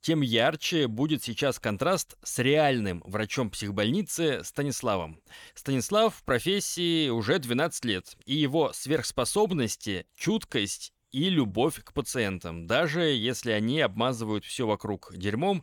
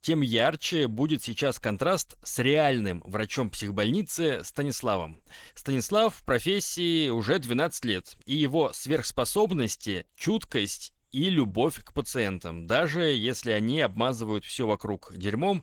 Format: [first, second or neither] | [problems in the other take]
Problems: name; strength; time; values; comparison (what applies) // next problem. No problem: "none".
first | garbled, watery; slightly; nothing above 18 kHz